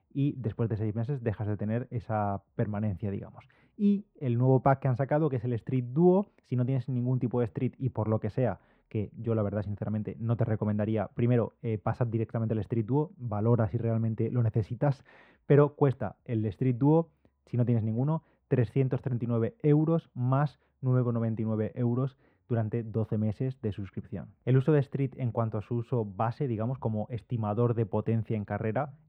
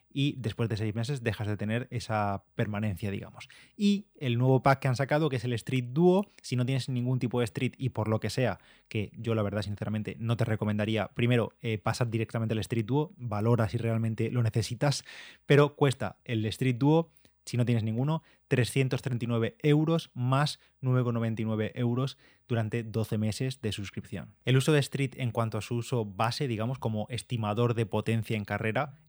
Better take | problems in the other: second | muffled; very; fading above 2.5 kHz

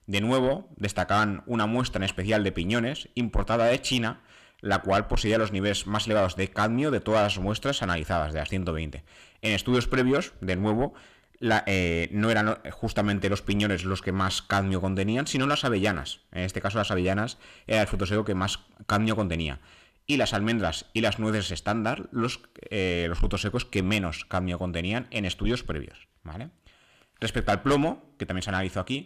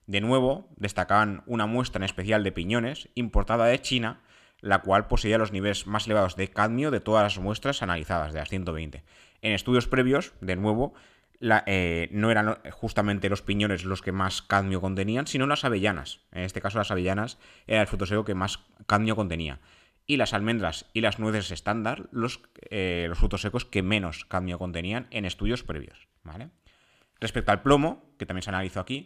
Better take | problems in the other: second | distortion; slight; 10 dB below the speech

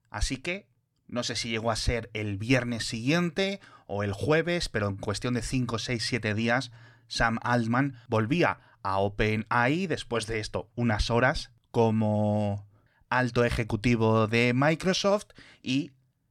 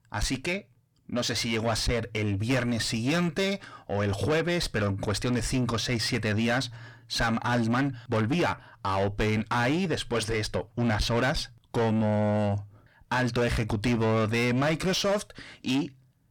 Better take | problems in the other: first | distortion; heavy; 7 dB below the speech

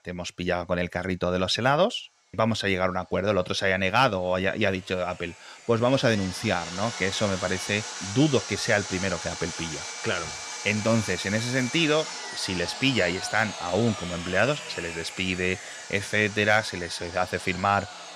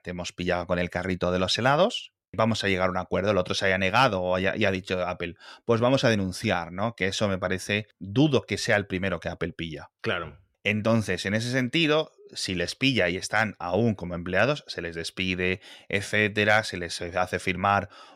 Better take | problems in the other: second | machinery noise; loud; throughout; 9 dB below the speech

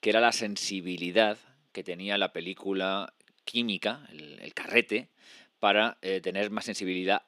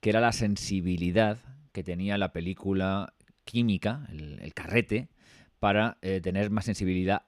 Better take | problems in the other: second | thin; somewhat; fading below 300 Hz

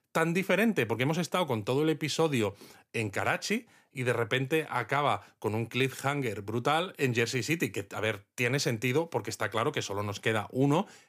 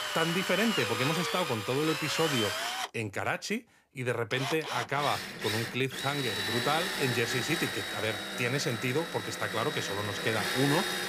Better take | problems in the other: first | machinery noise; loud; throughout; 1 dB below the speech

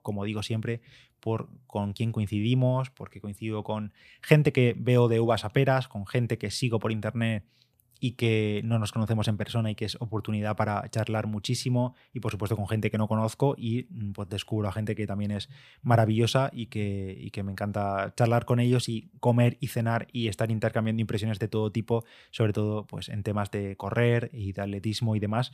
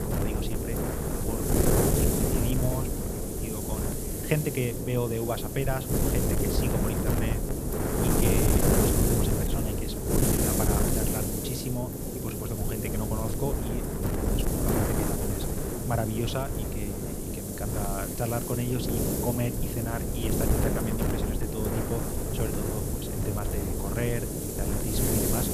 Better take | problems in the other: first | wind noise on the microphone; heavy; 4 dB above the speech

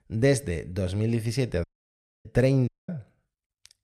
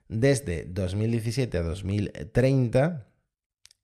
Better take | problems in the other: second | audio cutting out; at 1.5 s for 0.5 s and at 2.5 s

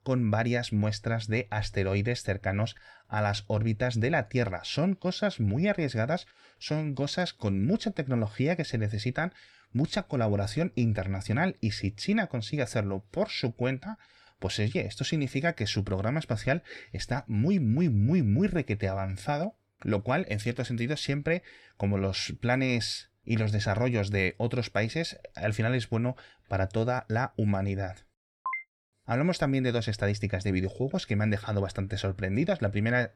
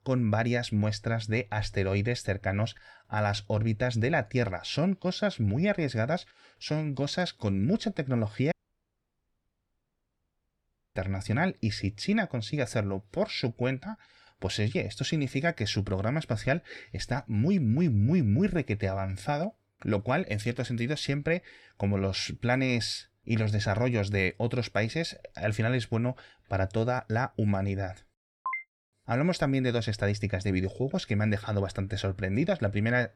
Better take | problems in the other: first | audio cutting out; at 8.5 s for 2.5 s

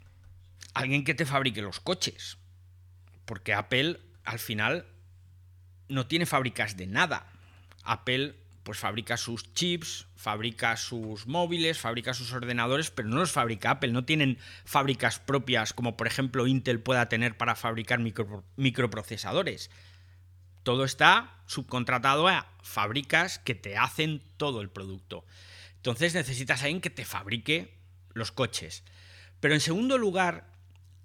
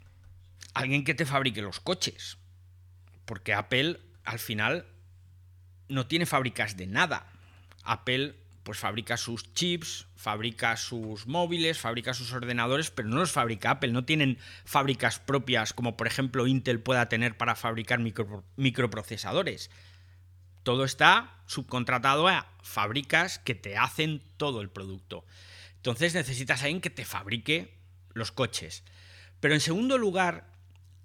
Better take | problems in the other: neither | none

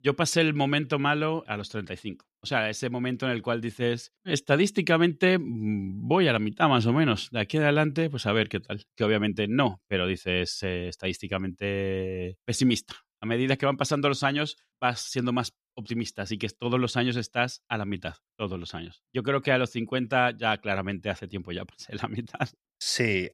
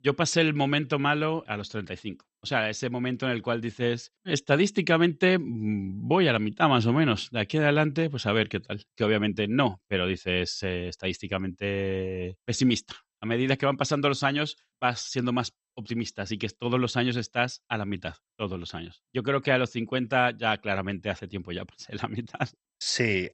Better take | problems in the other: first | garbled, watery; slightly; nothing above 8 kHz

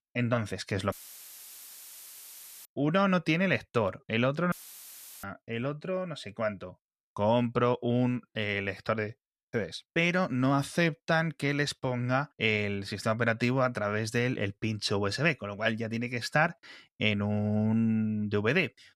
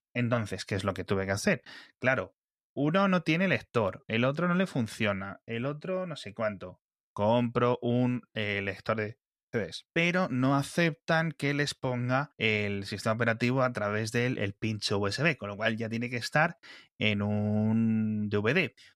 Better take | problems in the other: second | audio cutting out; filled with static; at 1 s for 1.5 s and at 4.5 s for 0.5 s

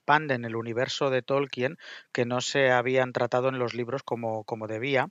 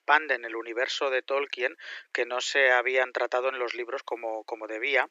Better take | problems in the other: first | thin; very; fading below 300 Hz

